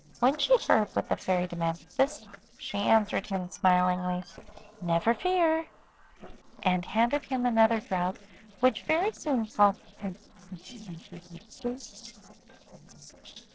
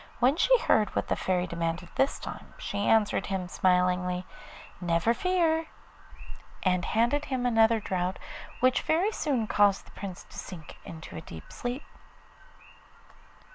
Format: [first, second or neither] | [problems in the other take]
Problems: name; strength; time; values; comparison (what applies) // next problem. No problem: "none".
second | noise reduction (neural separator model SepFormer DNS4)